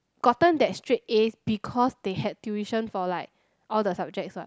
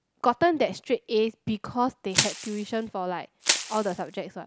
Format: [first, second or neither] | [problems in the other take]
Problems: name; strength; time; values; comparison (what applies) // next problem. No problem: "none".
first | background sound (Crushing); 3 dB below the speech